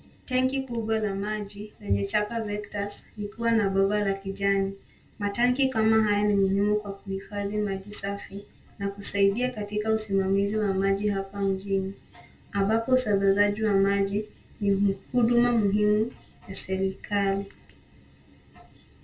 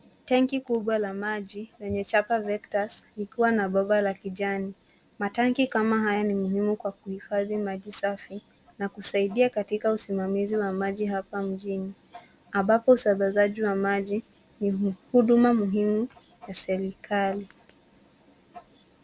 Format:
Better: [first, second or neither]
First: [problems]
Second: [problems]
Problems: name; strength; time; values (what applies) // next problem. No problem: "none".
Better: second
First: room echo; dies away in 0.2 s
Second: none